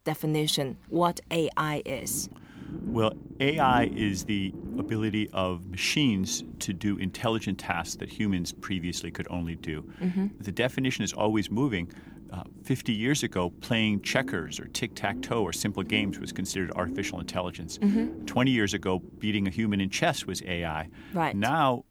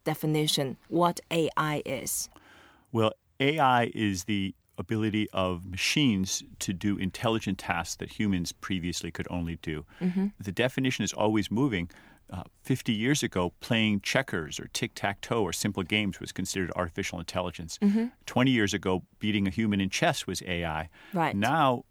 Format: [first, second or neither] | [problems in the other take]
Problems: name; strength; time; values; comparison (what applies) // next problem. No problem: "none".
second | low rumble; noticeable; throughout; 15 dB below the speech